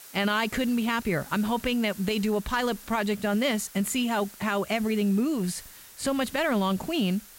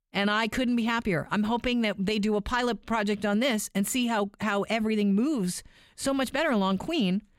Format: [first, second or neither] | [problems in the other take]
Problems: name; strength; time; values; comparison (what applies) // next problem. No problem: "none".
second | hiss; noticeable; throughout; 20 dB below the speech